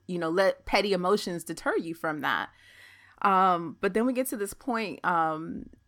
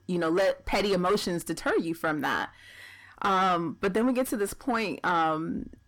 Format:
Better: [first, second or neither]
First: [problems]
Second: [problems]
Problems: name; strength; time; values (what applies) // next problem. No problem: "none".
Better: first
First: none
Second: distortion; heavy; 7 dB below the speech